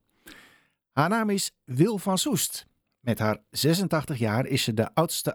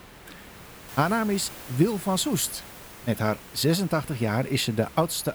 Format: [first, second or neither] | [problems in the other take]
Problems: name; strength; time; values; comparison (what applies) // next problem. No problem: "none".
first | hiss; noticeable; throughout; 15 dB below the speech